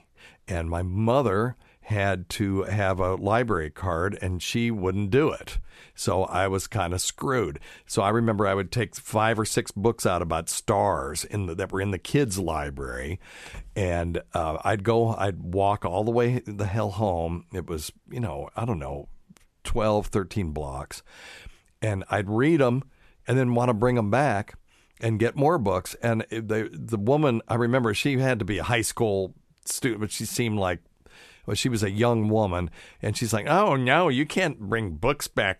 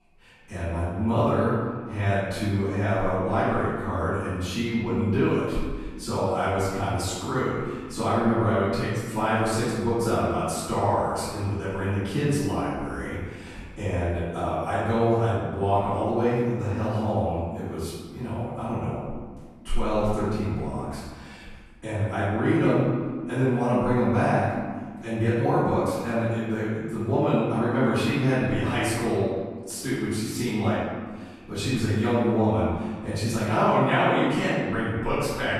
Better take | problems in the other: first | room echo; strong; dies away in 1.5 s // off-mic speech; far

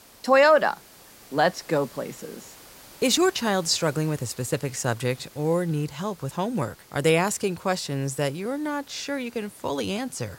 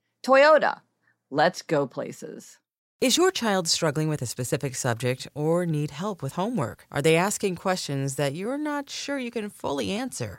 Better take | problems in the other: second | hiss; faint; throughout; 25 dB below the speech

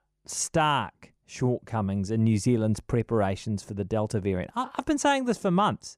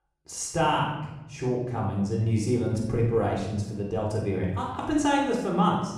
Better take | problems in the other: first | room echo; noticeable; dies away in 1 s // off-mic speech; somewhat distant

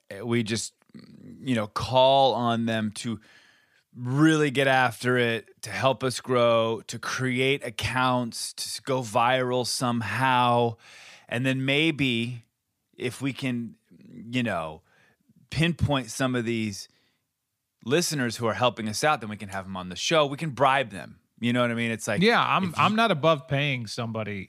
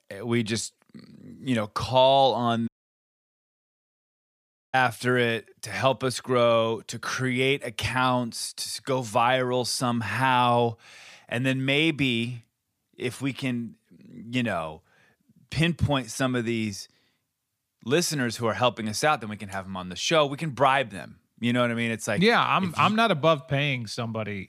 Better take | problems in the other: first | audio cutting out; at 2.5 s for 2 s

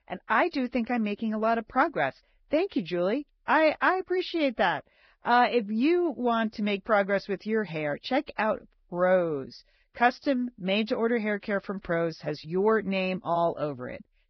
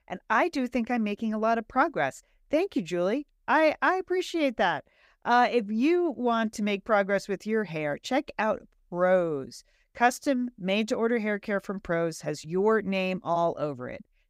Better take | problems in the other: second | garbled, watery; badly; nothing above 5.5 kHz

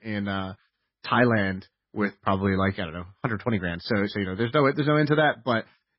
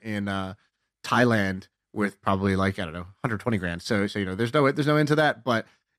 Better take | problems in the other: second | garbled, watery; badly; nothing above 5.5 kHz

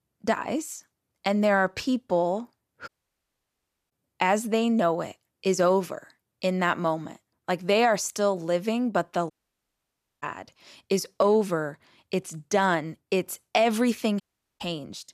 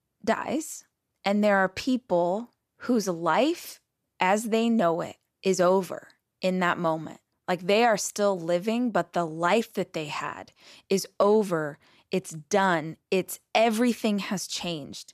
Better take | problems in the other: second | audio cutting out; at 3 s for 1 s, at 9.5 s for 1 s and at 14 s

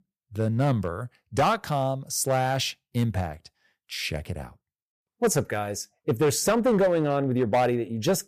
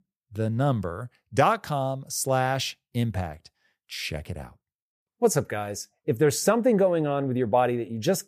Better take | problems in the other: second | distortion; slight; 5% of the sound clipped

